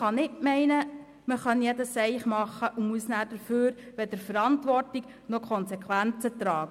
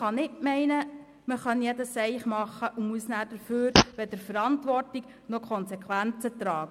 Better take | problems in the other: first | background sound (Fart); 2 dB above the speech

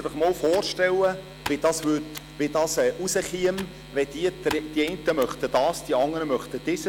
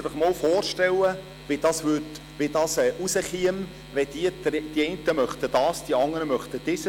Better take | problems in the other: second | background sound (Computer keyboard); 18 dB below the speech

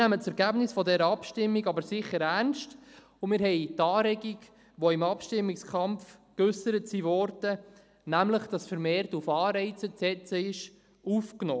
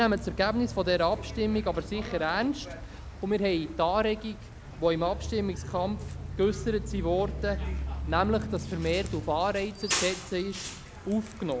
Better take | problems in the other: first | background sound (Bus); 7 dB below the speech

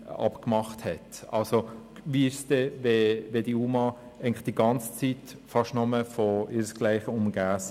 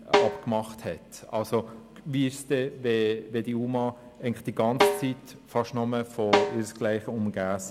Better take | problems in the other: first | background sound (Snare drum); as loud as the speech

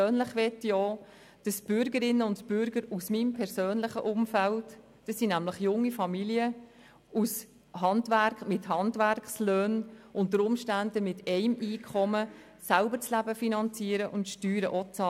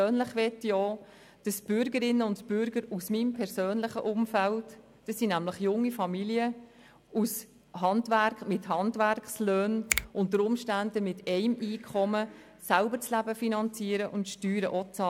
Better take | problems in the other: first | background sound (Finger snapping); 8 dB below the speech

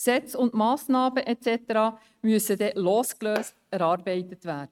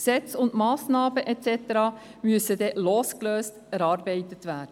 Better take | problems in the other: second | noise reduction (neural mask model RNNoise)

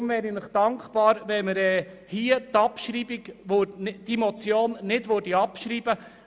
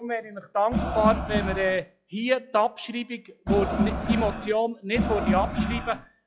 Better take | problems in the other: first | noise reduction (classical method log-MMSE)

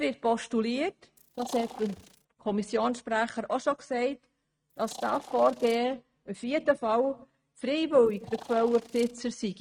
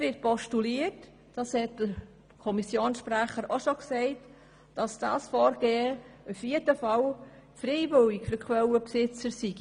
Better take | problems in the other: second | noise reduction (neural mask model RNNoise)

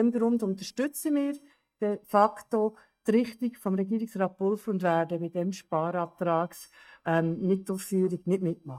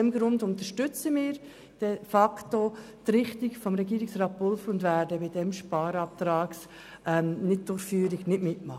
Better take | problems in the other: second | noise reduction (neural mask model DeepFilterNet 3)

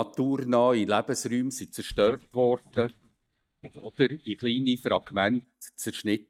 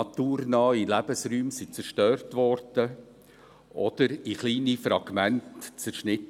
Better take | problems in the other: second | noise reduction (neural mask model DeepFilterNet 3)

